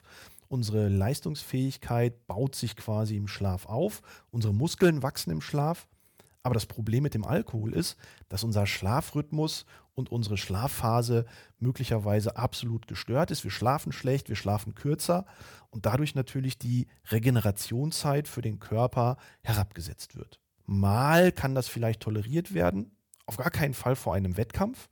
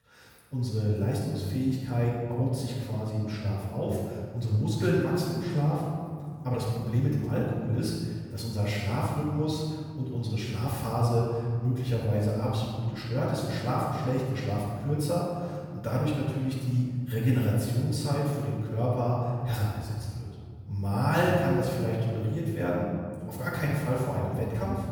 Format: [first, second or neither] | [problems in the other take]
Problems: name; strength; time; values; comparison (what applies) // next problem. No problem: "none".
first | off-mic speech; far // room echo; strong; dies away in 2.2 s